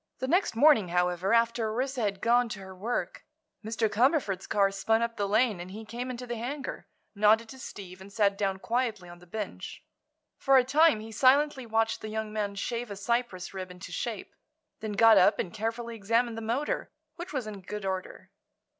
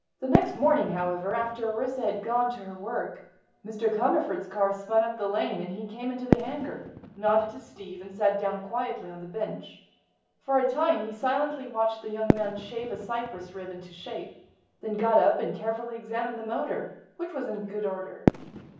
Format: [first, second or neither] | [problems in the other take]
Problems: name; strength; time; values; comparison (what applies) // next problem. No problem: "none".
first | background sound (Fireworks); 6 dB below the speech // room echo; dies away in 0.7 s